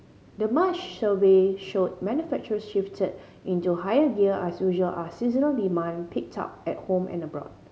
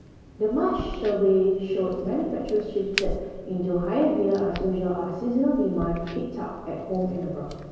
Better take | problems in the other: first | background sound (Crack); 13 dB below the speech // room echo; dies away in 1.2 s

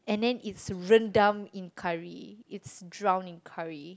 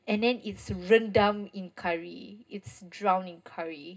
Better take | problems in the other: first | room echo; dies away in 0.2 s

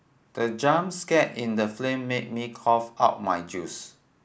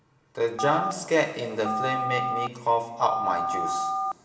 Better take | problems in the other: first | background sound (Telephone); 1 dB below the speech // room echo; dies away in 2.5 s

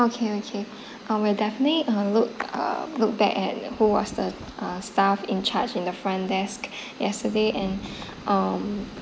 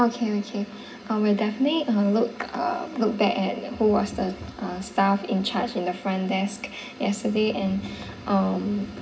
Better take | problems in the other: first | room echo; dies away in 0.4 s

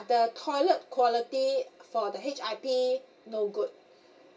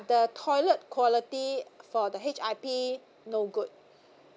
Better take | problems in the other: second | room echo; dies away in 0.2 s

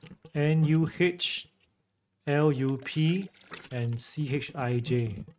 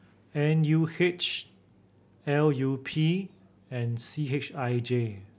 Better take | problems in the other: second | noise reduction (neural mask model RNNoise)

